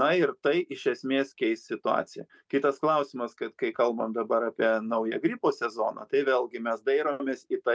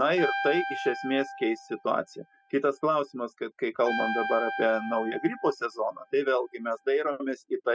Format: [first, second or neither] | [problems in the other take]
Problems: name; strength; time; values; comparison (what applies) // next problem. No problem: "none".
first | noise reduction (classical method spectral subtraction)